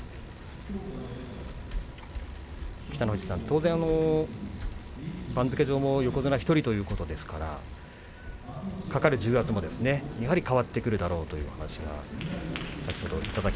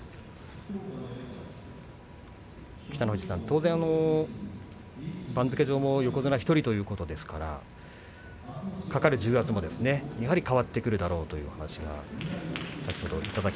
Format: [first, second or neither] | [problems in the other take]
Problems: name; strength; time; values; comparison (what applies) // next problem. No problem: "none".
second | background sound (Bicycle); 11 dB below the speech